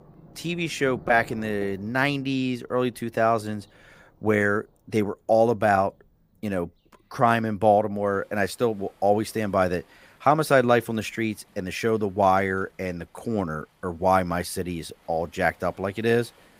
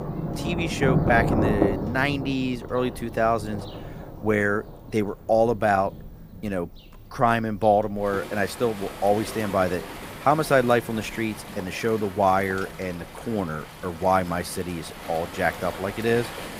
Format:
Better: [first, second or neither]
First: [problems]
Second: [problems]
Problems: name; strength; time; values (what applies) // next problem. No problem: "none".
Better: first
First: rain or running water; faint; throughout; 25 dB below the speech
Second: rain or running water; loud; throughout; 7 dB below the speech